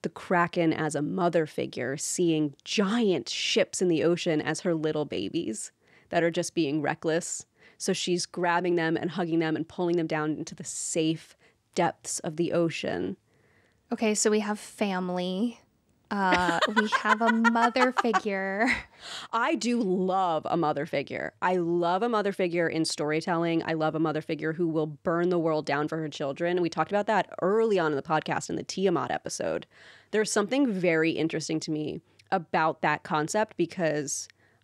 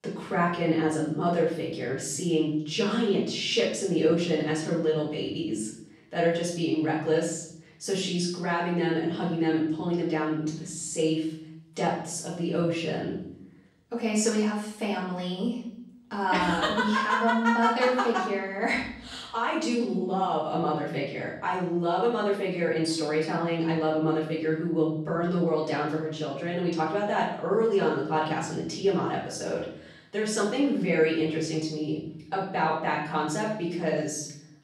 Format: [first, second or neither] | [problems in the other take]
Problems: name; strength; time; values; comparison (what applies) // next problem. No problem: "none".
first | off-mic speech; far // room echo; noticeable; dies away in 0.7 s